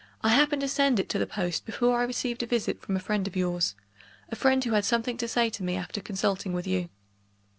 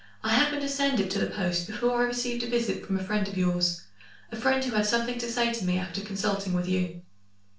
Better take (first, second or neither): first